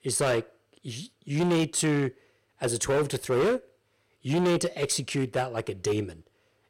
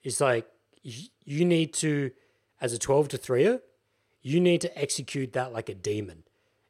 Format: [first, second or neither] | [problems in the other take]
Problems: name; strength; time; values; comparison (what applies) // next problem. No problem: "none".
second | distortion; heavy; 11% of the sound clipped